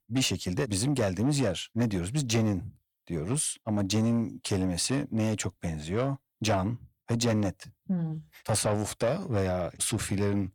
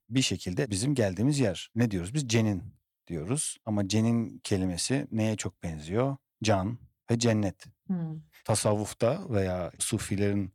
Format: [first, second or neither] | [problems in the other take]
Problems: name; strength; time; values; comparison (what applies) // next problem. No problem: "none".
second | distortion; slight; 10 dB below the speech